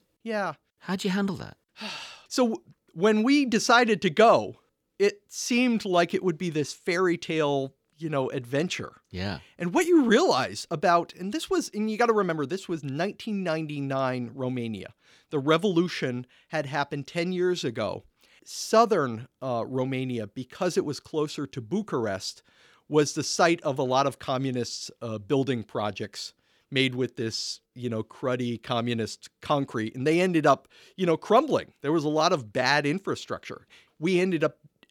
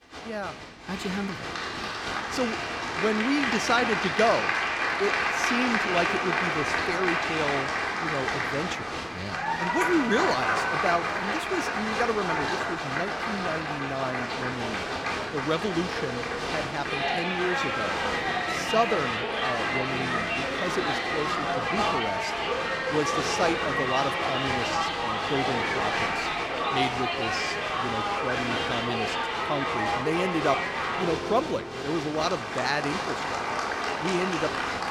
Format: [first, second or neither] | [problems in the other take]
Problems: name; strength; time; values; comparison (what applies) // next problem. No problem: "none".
first | crowd noise; very loud; throughout; 3 dB above the speech